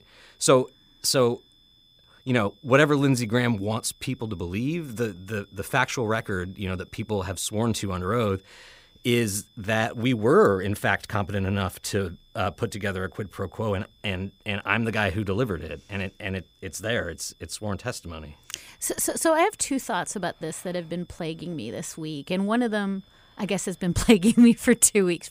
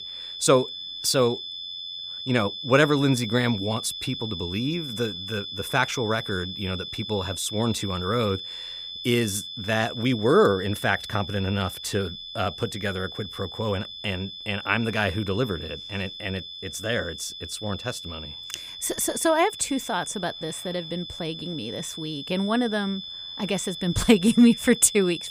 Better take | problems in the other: first | high-pitched whine; loud; throughout; 3.5 kHz, 9 dB below the speech; faint in the first

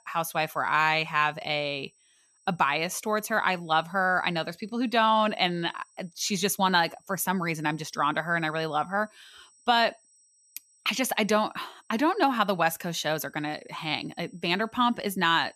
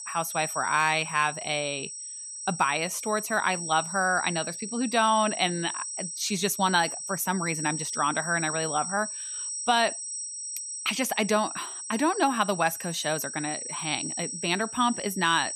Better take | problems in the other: first | high-pitched whine; loud; throughout; 8 kHz, 6 dB below the speech; faint in the first

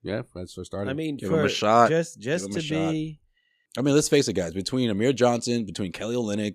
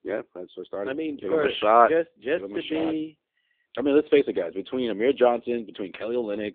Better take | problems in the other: first | phone-call audio; poor line

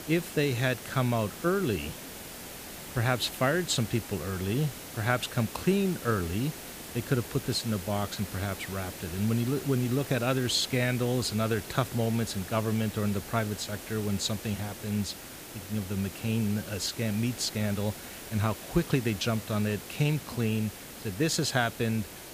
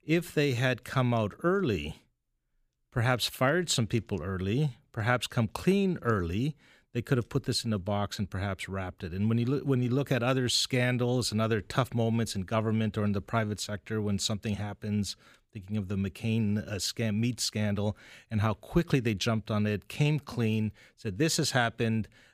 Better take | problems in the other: second | hiss; noticeable; throughout; 10 dB below the speech

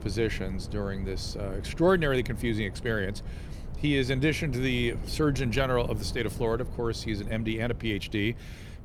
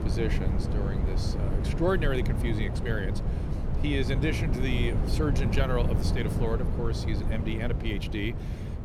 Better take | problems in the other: first | wind noise on the microphone; heavy; 5 dB below the speech; occasional gusts in the first

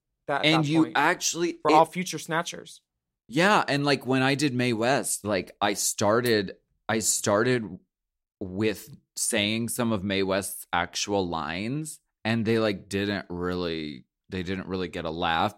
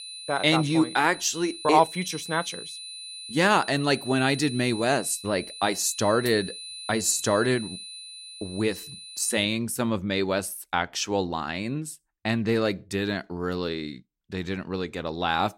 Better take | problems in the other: first | high-pitched whine; noticeable; until 9.5 s; 4 kHz, 10 dB below the speech

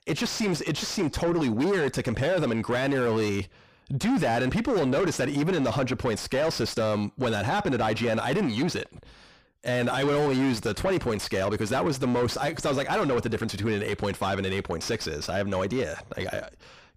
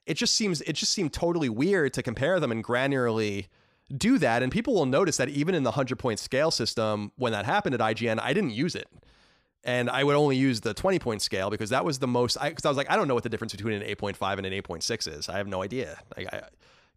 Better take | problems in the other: second | distortion; heavy; 6 dB below the speech

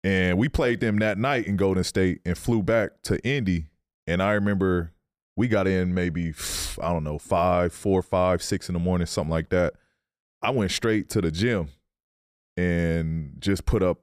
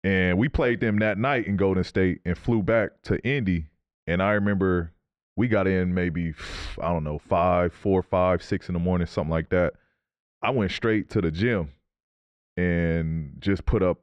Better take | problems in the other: first | muffled; slightly; fading above 2.5 kHz

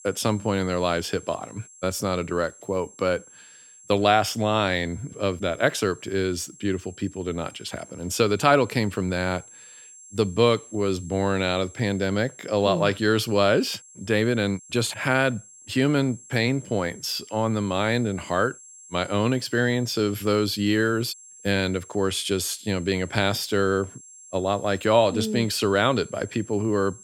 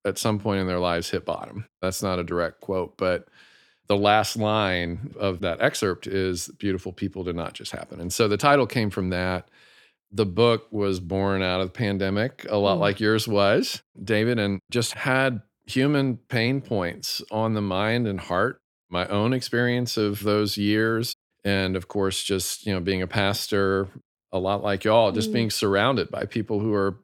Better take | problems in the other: second | high-pitched whine; faint; throughout; 7.5 kHz, 20 dB below the speech

